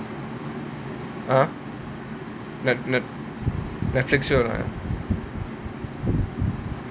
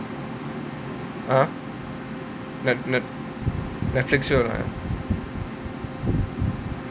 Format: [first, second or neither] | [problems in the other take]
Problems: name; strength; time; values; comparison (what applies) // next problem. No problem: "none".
first | background sound (Keyboard (musical)); 14 dB below the speech